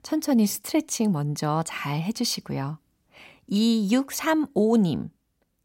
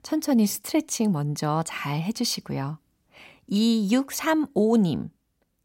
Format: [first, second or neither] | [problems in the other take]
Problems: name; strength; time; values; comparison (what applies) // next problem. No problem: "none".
neither | none